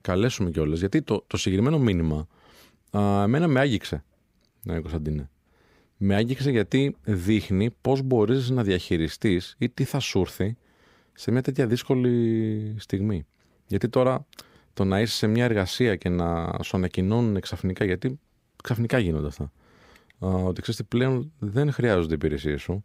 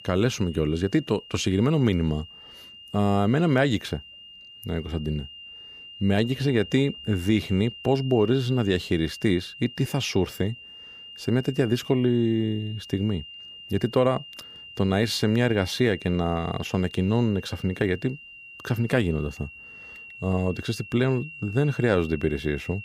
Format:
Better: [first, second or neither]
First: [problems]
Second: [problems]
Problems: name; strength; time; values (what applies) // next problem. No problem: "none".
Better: first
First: none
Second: high-pitched whine; noticeable; throughout; 3 kHz, 15 dB below the speech